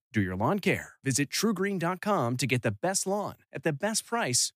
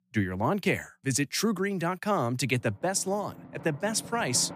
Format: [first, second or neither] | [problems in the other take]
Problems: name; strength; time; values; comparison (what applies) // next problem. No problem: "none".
first | background music; noticeable; throughout; 15 dB below the speech